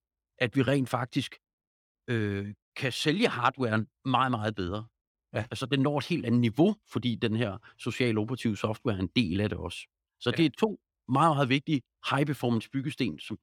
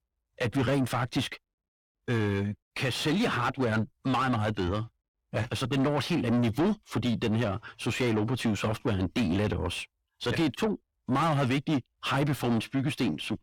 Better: first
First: none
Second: distortion; heavy; 6 dB below the speech

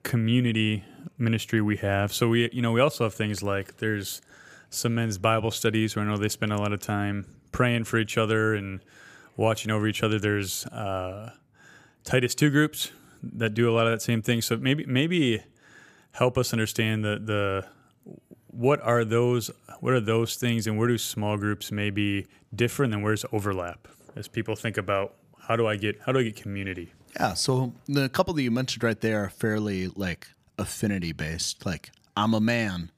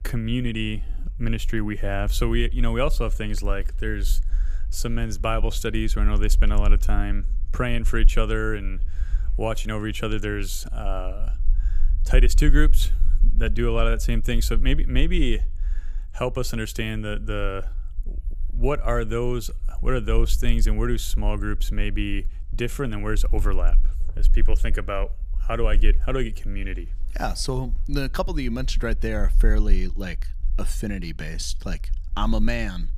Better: first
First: none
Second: low rumble; faint; throughout; 25 dB below the speech

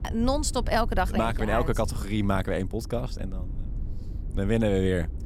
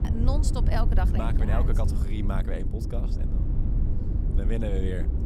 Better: first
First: low rumble; faint; throughout; 20 dB below the speech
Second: low rumble; loud; throughout; 6 dB below the speech

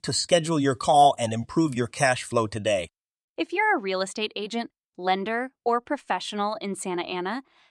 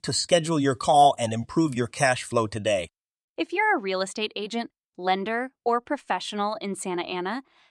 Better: neither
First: none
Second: none

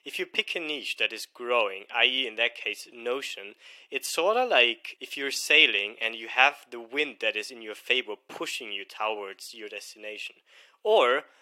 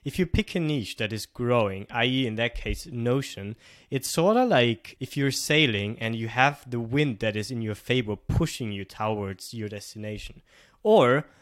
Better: second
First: thin; very; fading below 350 Hz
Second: none

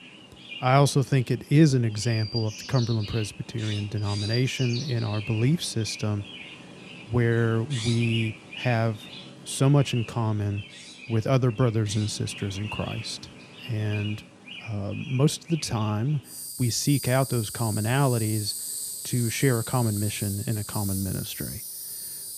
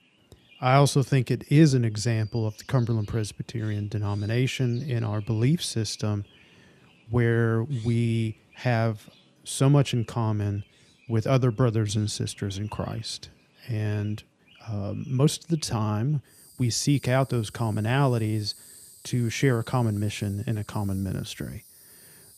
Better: second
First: animal sounds; loud; throughout; 10 dB below the speech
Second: animal sounds; faint; throughout; 25 dB below the speech

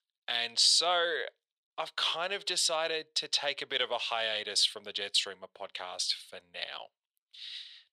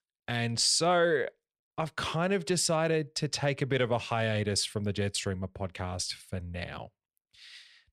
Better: second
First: thin; very; fading below 700 Hz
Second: none

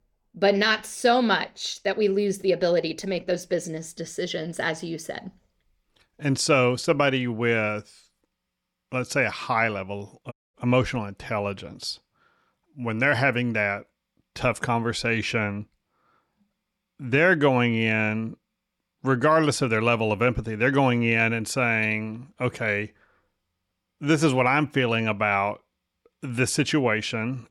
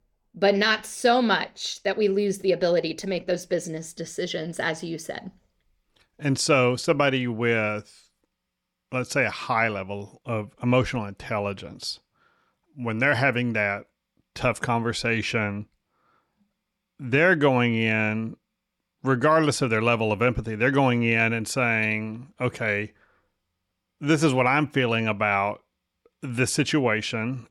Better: second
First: audio cutting out; at 10 s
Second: none

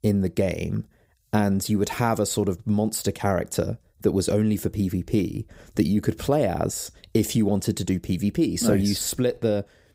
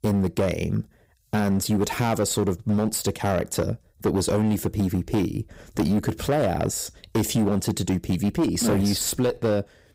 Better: first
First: none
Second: distortion; slight; 13% of the sound clipped

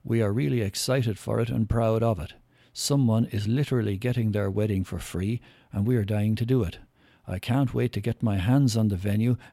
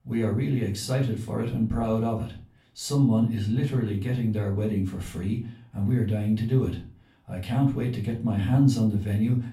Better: first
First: none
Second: off-mic speech; far // room echo; slight; dies away in 0.3 s

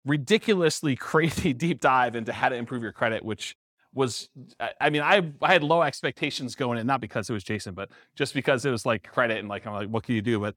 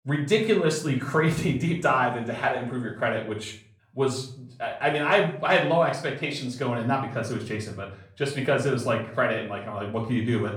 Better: first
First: none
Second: room echo; slight; dies away in 0.5 s // off-mic speech; far

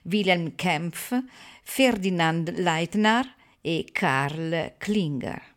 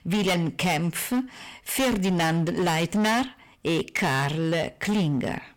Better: first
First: none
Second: distortion; heavy; 19% of the sound clipped

